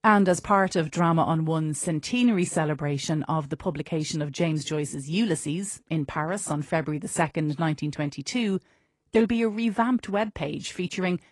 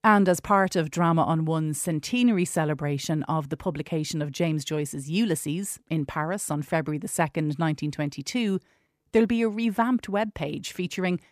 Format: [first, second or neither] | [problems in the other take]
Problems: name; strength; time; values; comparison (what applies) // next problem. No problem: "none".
second | garbled, watery; slightly; nothing above 10 kHz